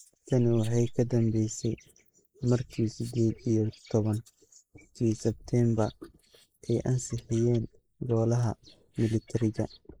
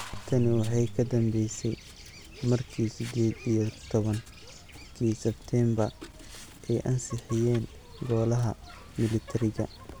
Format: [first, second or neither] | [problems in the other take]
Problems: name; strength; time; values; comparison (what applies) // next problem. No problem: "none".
second | noise reduction (neural mask model Resemble Enhance denoiser)